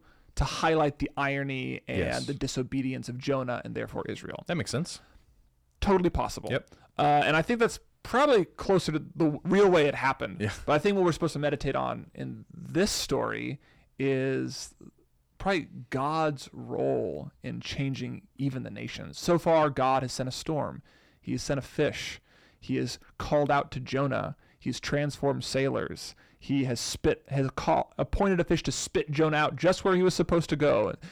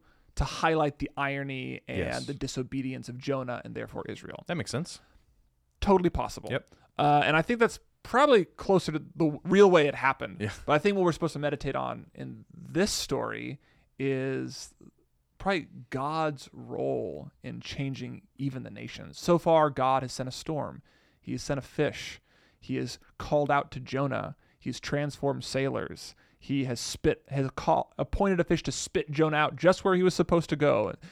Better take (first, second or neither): second